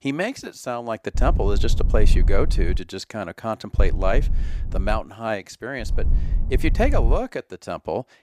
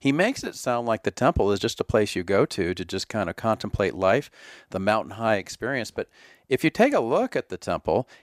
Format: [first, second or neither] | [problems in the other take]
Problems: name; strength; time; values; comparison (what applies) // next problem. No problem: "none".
second | low rumble; noticeable; from 1 to 3 s, from 4 to 5 s and from 6 to 7 s; 15 dB below the speech